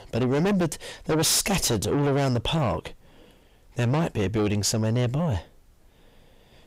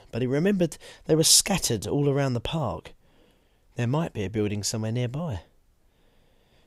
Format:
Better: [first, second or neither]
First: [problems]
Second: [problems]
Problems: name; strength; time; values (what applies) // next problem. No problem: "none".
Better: second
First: distortion; heavy; 5 dB below the speech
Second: none